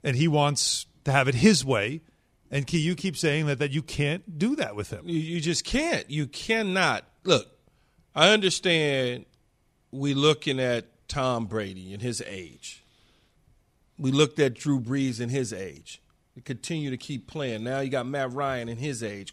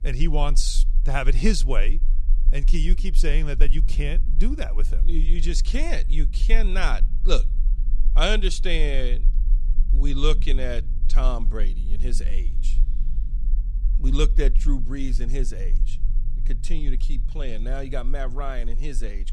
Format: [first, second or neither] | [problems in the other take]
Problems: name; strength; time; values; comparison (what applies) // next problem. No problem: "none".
first | low rumble; faint; throughout; 20 dB below the speech